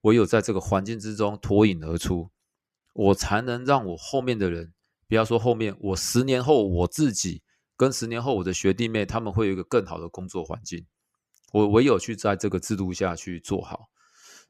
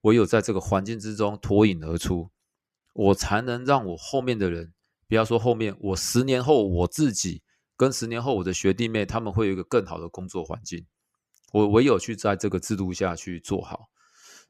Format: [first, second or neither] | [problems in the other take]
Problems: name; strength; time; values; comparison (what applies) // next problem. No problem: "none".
neither | none